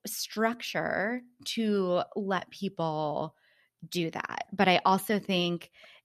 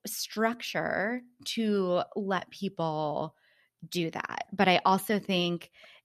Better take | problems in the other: neither | none

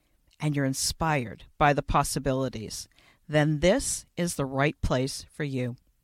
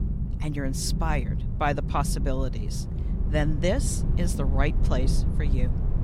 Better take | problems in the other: first | low rumble; noticeable; throughout; 10 dB below the speech

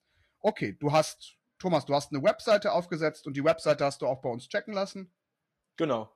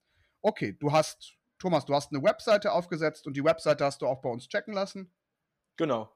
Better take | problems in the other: second | garbled, watery; slightly; nothing above 12.5 kHz

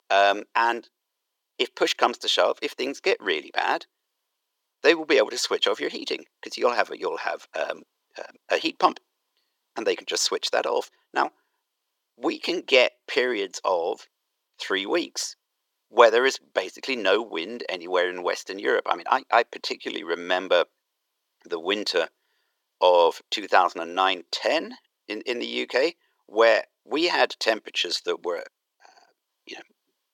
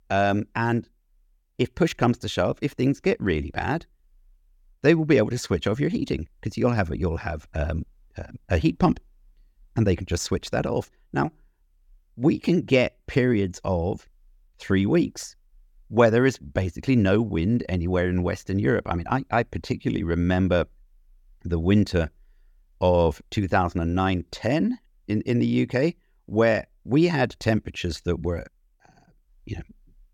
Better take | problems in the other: second | thin; very; fading below 400 Hz

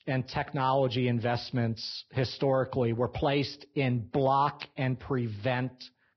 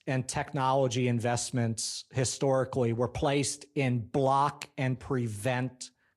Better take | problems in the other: second | garbled, watery; badly; nothing above 5.5 kHz; slightly in the second

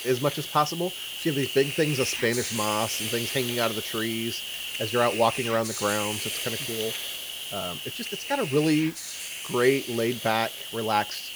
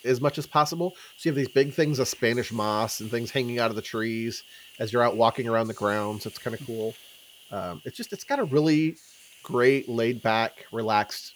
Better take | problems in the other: second | hiss; loud; throughout; 4 dB below the speech; faint in the second

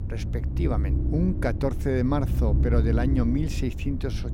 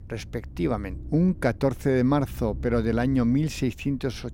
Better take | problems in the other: second | low rumble; loud; throughout; 8 dB below the speech; faint in the second

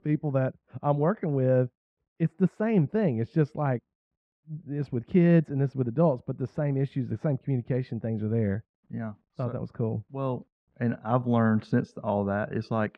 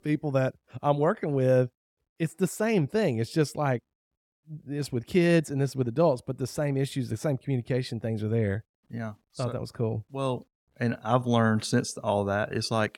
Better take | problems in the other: second | muffled; very; fading above 2 kHz

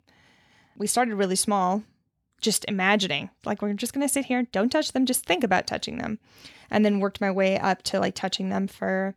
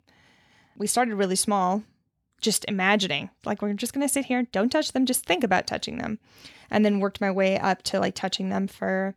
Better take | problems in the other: neither | none

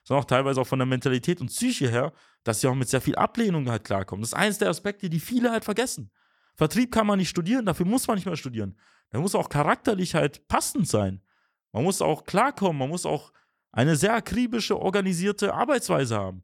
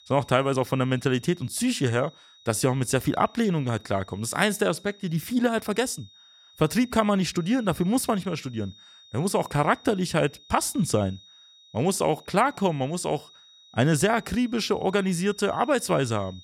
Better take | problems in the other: first | high-pitched whine; faint; throughout; 3.5 kHz, 25 dB below the speech

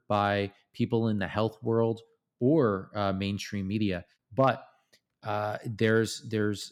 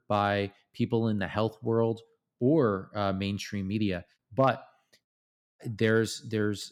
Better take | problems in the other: first | audio cutting out; at 5 s for 0.5 s

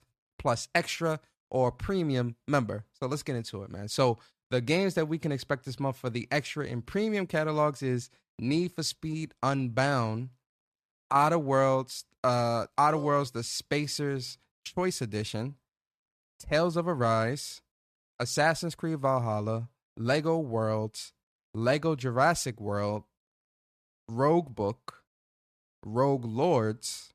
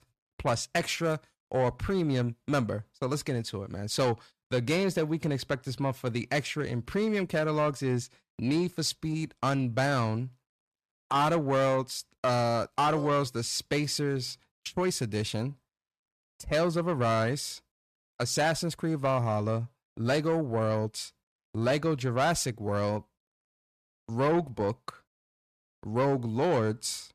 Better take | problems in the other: first | distortion; slight; 10 dB below the speech

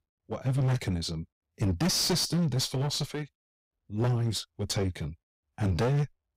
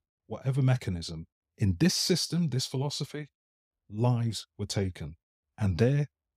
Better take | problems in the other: second | distortion; heavy; 15% of the sound clipped

